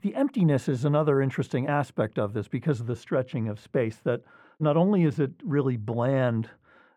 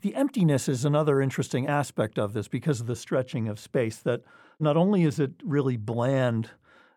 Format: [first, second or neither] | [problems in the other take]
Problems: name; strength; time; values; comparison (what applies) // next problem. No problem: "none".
second | muffled; slightly; fading above 4 kHz